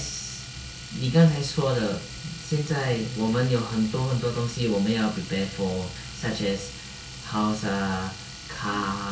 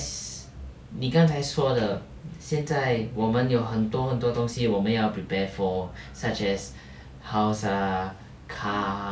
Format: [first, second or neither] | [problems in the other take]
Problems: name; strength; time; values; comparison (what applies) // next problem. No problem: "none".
second | background sound (Domestic sounds, home sounds); 14 dB below the speech // room echo; dies away in 0.7 s